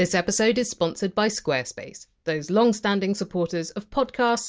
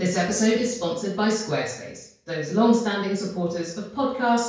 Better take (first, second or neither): first